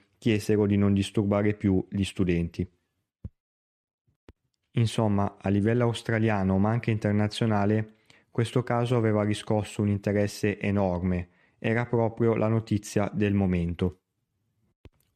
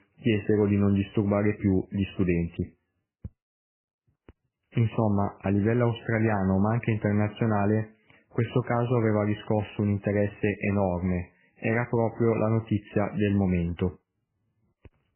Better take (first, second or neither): first